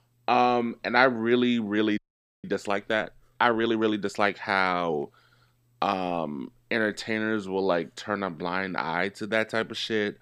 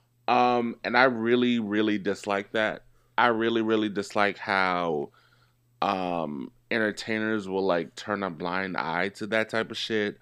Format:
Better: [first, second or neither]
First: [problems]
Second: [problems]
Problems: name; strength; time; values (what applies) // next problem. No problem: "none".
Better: second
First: audio freezing; at 2 s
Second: none